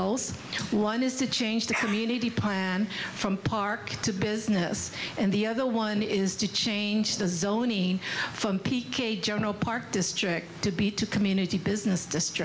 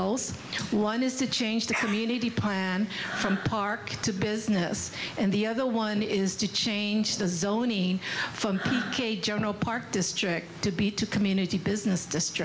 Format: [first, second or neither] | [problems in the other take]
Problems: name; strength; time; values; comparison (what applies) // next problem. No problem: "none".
first | background sound (Breathing); 11 dB below the speech